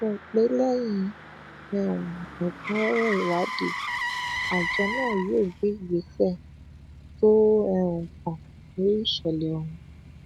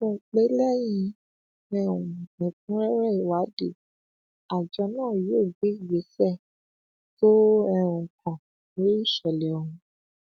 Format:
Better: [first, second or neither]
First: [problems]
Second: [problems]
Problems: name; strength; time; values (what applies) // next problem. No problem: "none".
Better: second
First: background sound (Motor vehicle (road)); 9 dB below the speech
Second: none